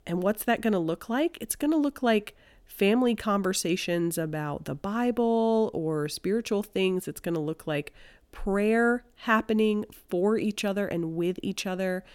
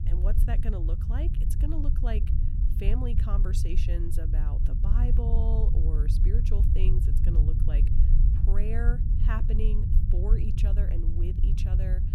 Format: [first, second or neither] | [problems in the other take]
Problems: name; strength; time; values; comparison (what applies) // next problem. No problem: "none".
first | low rumble; loud; throughout; 2 dB below the speech